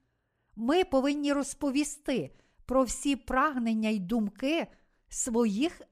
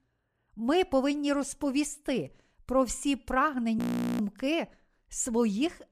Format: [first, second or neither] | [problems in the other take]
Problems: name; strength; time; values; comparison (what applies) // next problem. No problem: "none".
first | audio freezing; at 4 s